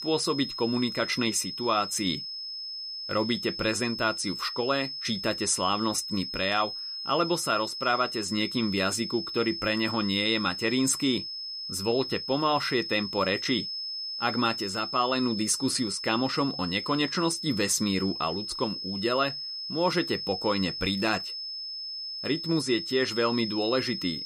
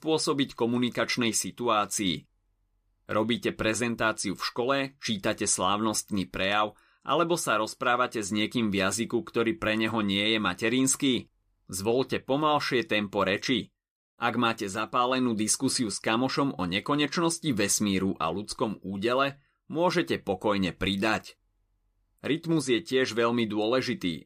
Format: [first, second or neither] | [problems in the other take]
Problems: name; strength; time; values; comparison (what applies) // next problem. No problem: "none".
second | high-pitched whine; loud; throughout; 5 kHz, 6 dB below the speech